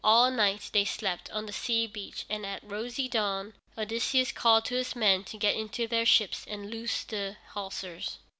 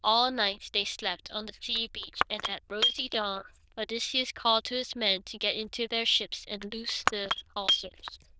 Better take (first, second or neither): first